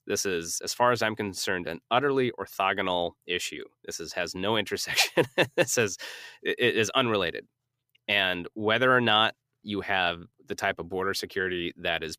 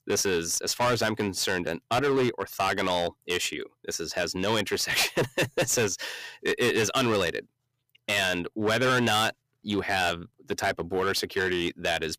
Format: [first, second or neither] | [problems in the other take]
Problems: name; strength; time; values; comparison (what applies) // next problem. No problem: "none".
first | distortion; heavy; 11% of the sound clipped